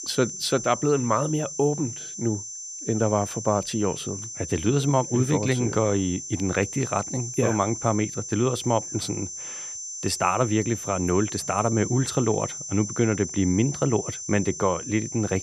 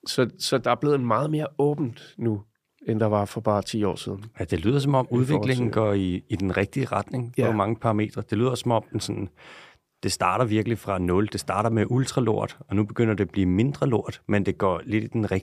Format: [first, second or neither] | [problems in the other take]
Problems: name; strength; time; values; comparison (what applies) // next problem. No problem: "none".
second | high-pitched whine; loud; throughout; 6 kHz, 8 dB below the speech